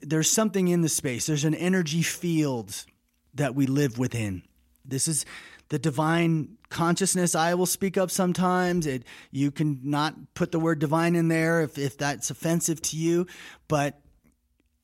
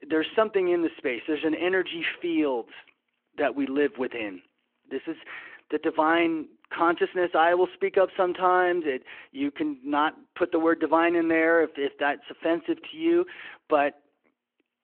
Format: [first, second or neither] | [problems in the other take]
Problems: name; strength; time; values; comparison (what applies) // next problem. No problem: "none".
first | phone-call audio